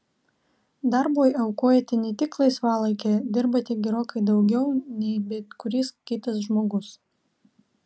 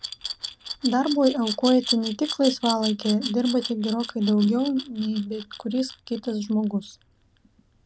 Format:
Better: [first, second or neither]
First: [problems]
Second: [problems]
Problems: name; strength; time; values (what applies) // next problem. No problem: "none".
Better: first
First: none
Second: background sound (Glass); 11 dB below the speech